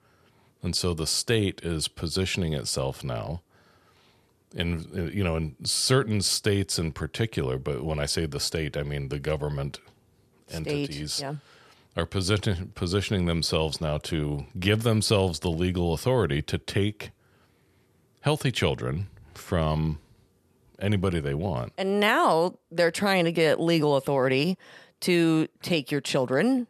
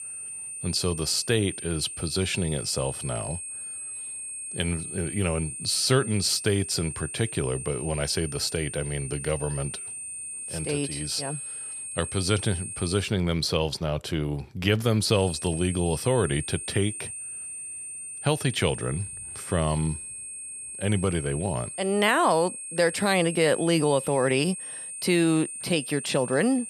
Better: first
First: none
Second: high-pitched whine; loud; until 13 s and from 15 s on; 8.5 kHz, 8 dB below the speech

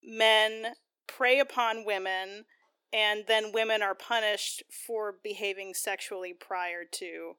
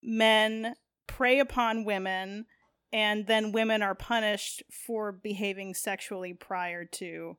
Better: second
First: thin; somewhat; fading below 350 Hz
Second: none

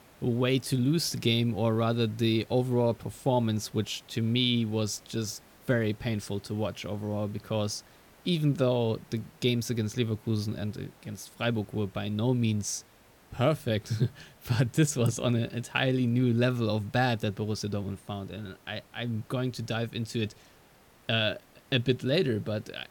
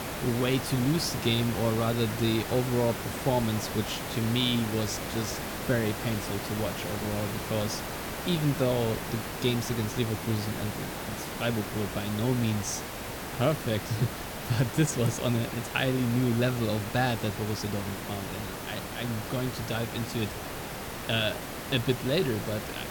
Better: first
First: hiss; faint; throughout; 25 dB below the speech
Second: hiss; loud; throughout; 5 dB below the speech

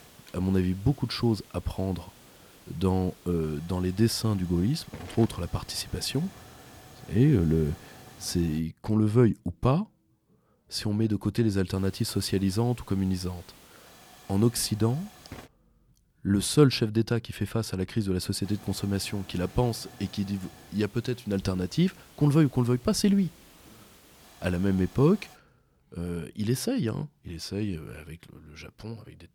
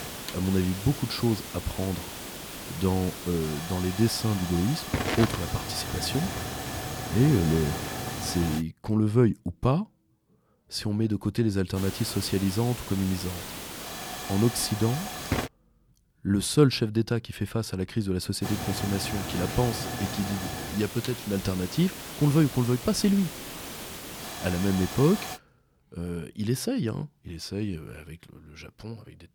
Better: first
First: hiss; faint; until 8.5 s, from 12 to 15 s and from 18 to 25 s; 25 dB below the speech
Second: hiss; loud; until 8.5 s, from 12 to 15 s and from 18 to 25 s; 7 dB below the speech

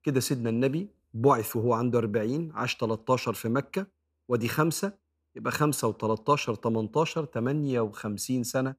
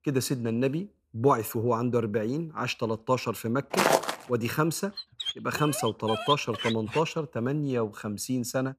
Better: first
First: none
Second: footsteps; loud; at 3.5 s; peak 5 dB above the speech // dog barking; noticeable; from 5 to 7 s; peak 3 dB below the speech

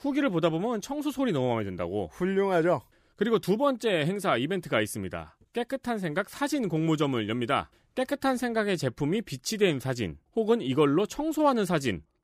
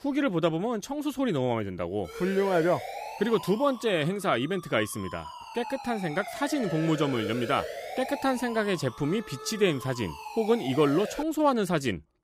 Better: first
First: none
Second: siren; noticeable; from 2 to 11 s; peak 7 dB below the speech

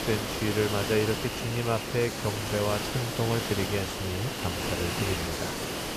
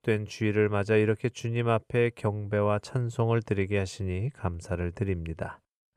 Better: second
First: hiss; loud; throughout; 1 dB below the speech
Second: none

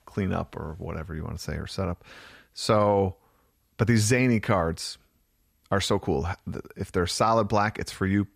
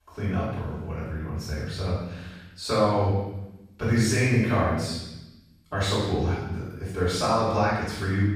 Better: first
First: none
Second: room echo; strong; dies away in 0.9 s // off-mic speech; far

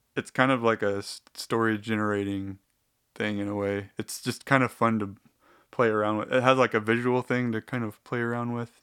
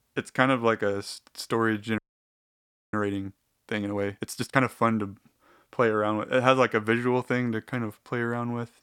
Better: first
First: none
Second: audio freezing; at 2 s for 1 s

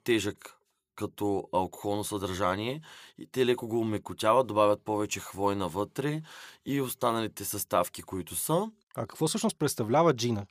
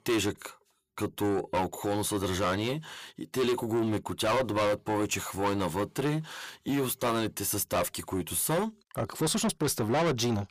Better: first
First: none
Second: distortion; heavy; 6 dB below the speech

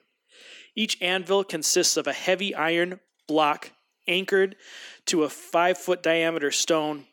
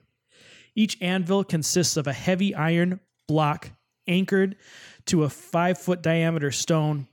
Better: second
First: thin; somewhat; fading below 300 Hz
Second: none

